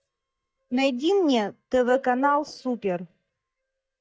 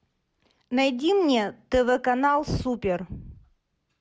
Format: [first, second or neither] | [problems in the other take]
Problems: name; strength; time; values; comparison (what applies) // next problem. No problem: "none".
second | noise reduction (neural mask model DeepFilterNet 3)